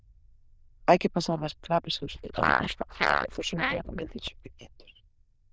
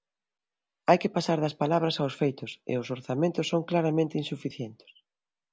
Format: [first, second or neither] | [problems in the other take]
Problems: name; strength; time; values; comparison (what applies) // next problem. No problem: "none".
second | noise reduction (neural diffusion model UNIVERSE++)